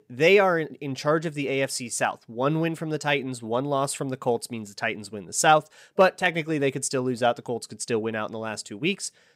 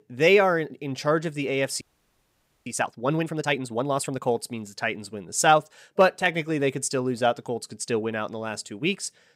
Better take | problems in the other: first | audio freezing; at 2 s for 1 s

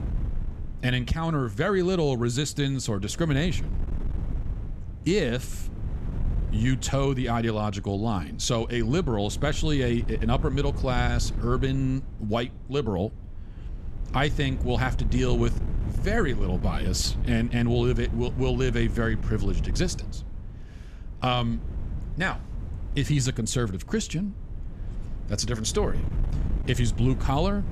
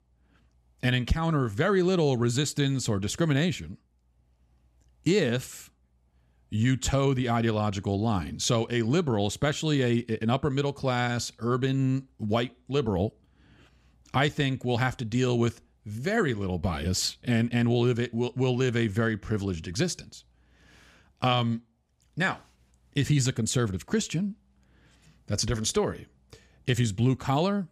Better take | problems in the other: second | wind noise on the microphone; occasional gusts; 15 dB below the speech

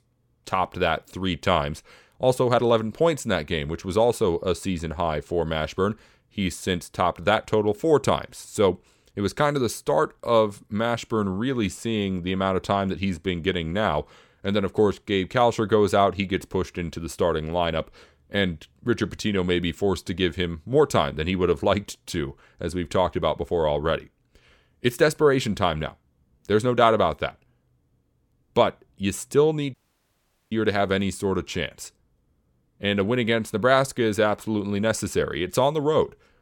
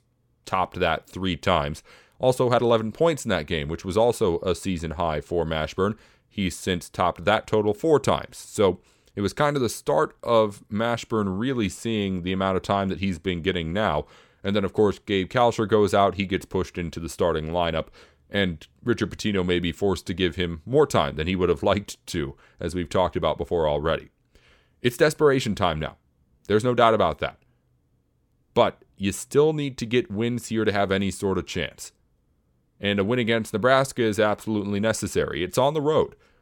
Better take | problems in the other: second | audio cutting out; at 30 s for 1 s

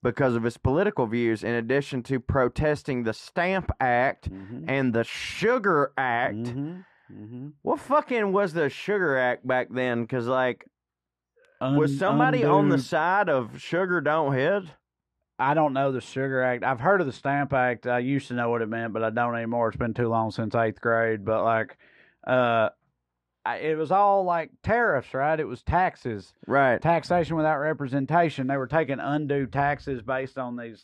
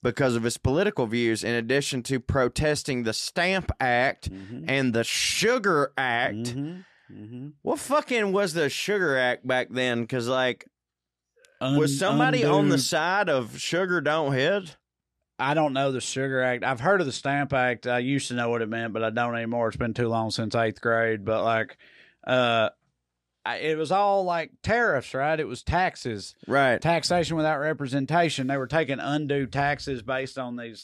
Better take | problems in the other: second | muffled; slightly; fading above 3 kHz

